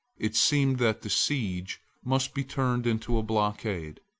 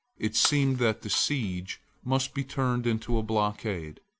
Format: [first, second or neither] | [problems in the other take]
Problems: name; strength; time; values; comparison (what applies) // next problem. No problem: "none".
first | background sound (Shatter); 15 dB below the speech